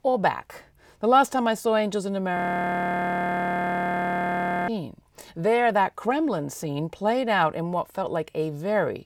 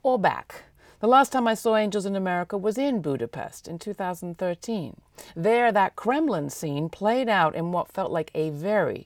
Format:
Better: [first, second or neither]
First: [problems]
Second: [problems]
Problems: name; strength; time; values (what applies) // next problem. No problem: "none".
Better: second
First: audio freezing; at 2.5 s for 2.5 s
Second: none